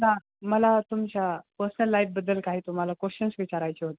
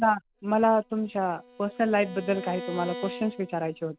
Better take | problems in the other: first | background sound (Bowed string instrument); 15 dB below the speech

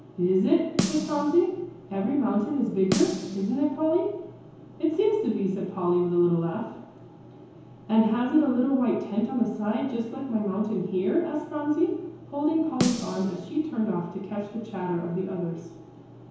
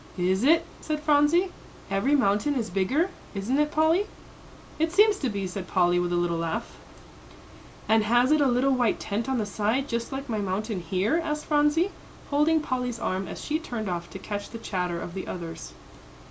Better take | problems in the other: second | background sound (Snare drum); 8 dB below the speech // room echo; dies away in 1 s

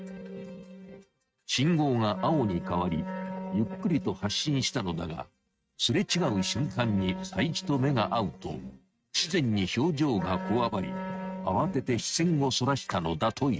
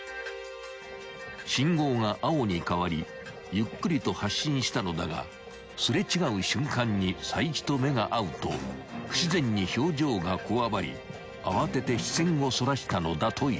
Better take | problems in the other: second | noise reduction (neural mask model RNNoise)

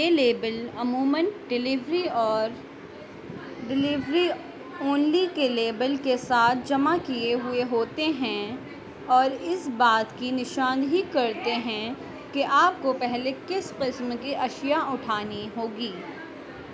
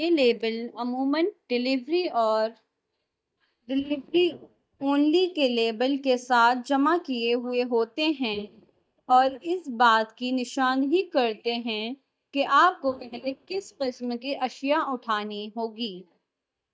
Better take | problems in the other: first | noise reduction (neural mask model DeepFilterNet 3)

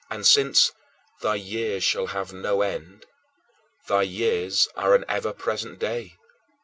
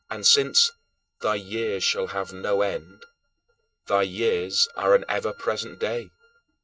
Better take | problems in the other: first | noise reduction (neural mask model RNNoise)

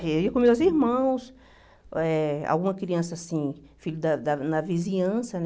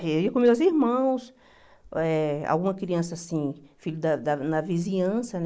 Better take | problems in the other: first | noise reduction (neural mask model Resemble Enhance denoiser)

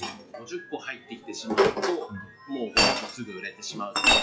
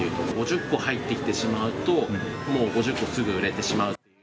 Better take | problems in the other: second | noise reduction (classical method log-MMSE)

